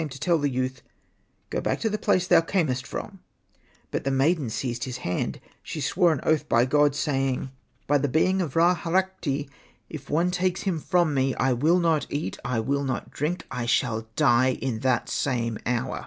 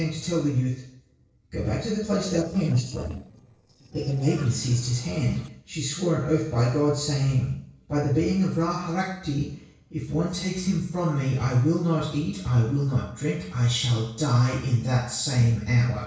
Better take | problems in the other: first | noise reduction (neural separator model SepFormer DNS4)

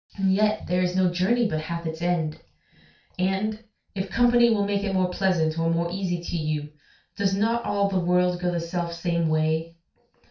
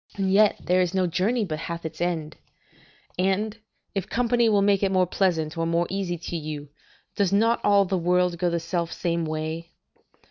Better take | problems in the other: second | room echo; dies away in 0.3 s

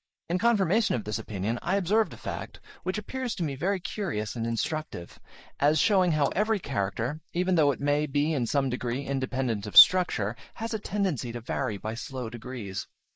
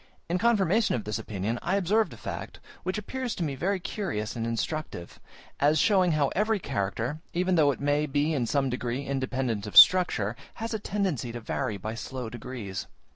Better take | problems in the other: second | noise reduction (neural mask model Resemble Enhance denoiser)

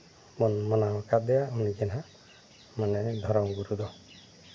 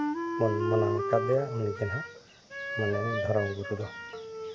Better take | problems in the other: first | background sound (Wind instrument, woodwind instrument); 3 dB below the speech

